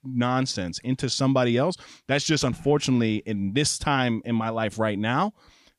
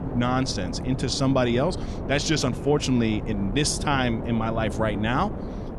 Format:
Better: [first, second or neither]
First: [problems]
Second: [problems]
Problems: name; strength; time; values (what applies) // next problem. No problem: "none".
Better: first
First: none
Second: wind noise on the microphone; occasional gusts; 10 dB below the speech